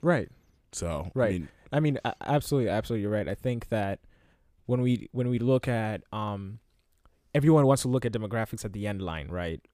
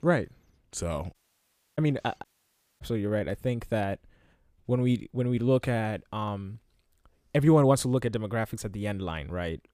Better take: first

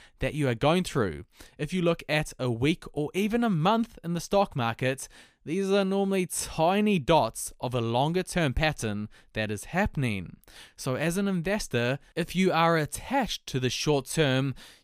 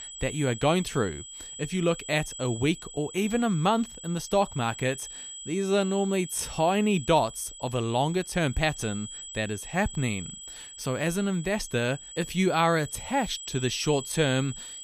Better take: first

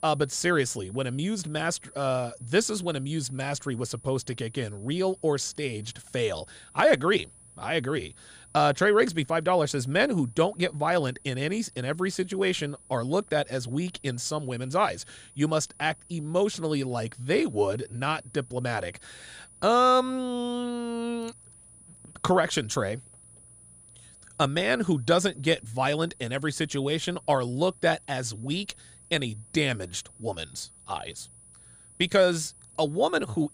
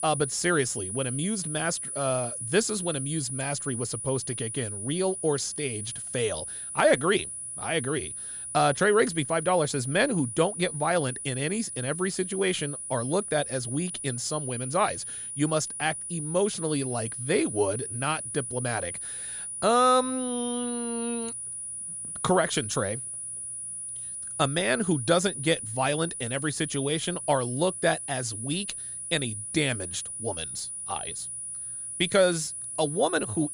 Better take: first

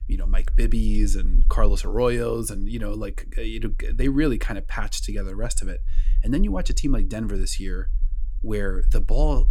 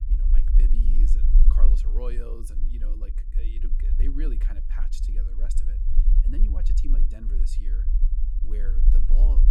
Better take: first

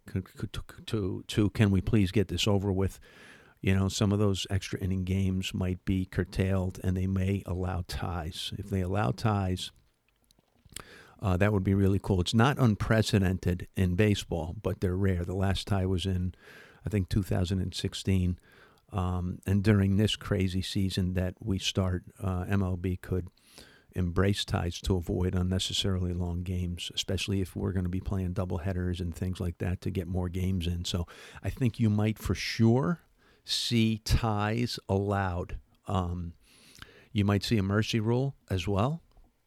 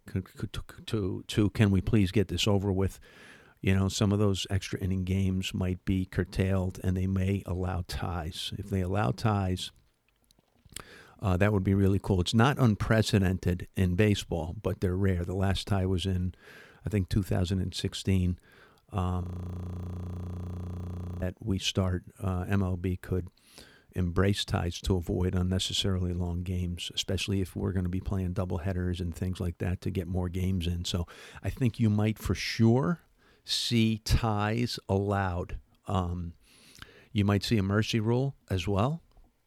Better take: first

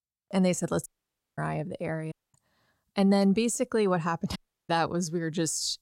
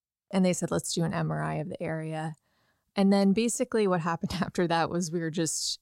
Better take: second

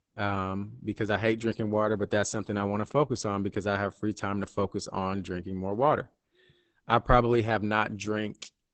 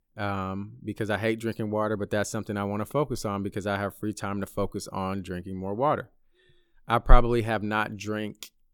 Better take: second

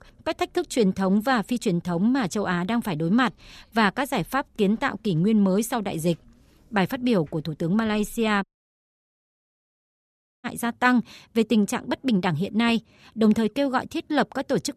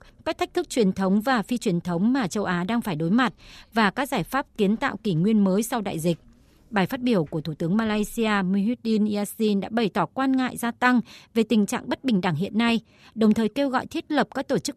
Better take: second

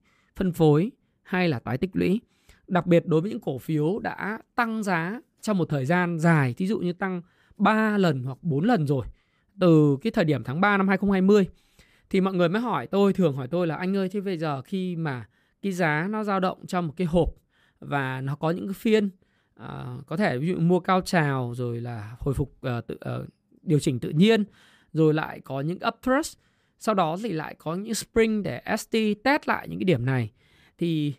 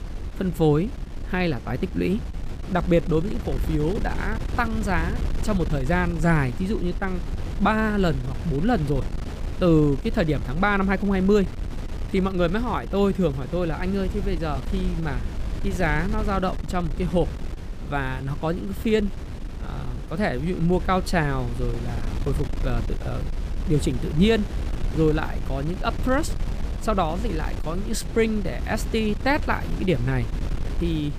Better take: first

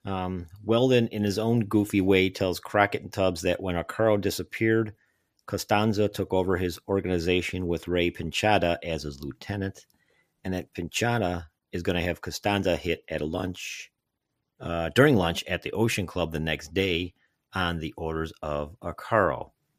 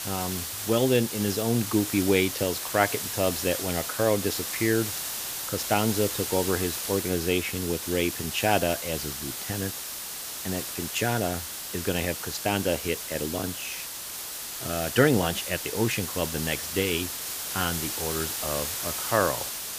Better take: first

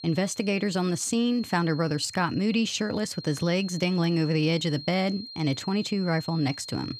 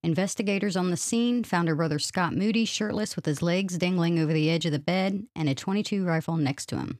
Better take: second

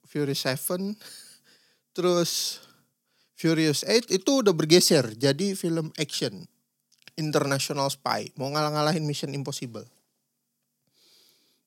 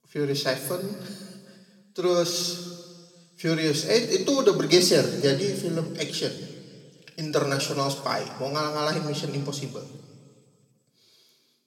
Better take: first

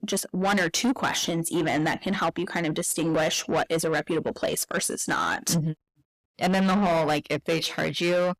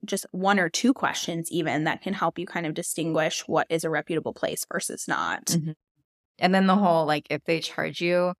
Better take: second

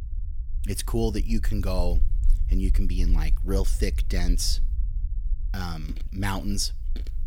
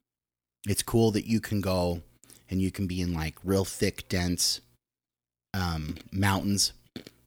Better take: second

